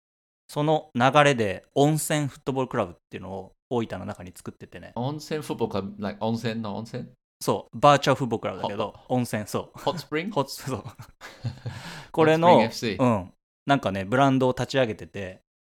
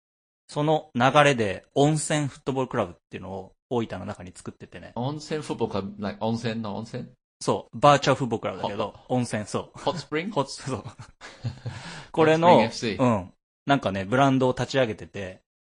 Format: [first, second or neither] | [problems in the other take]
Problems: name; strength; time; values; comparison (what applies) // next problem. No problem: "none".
first | garbled, watery; slightly; nothing above 9 kHz